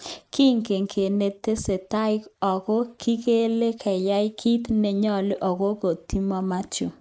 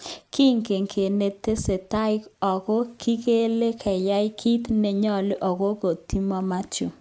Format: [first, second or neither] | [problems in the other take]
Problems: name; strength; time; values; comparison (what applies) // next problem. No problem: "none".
second | noise reduction (neural mask model Resemble Enhance denoiser)